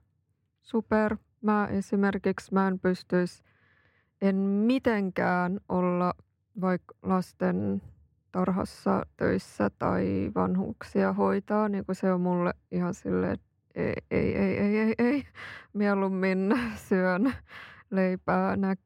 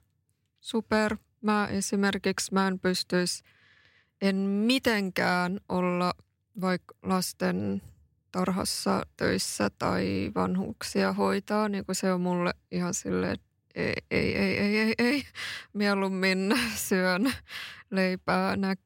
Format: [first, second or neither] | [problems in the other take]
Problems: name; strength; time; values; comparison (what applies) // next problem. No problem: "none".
second | muffled; very; fading above 2.5 kHz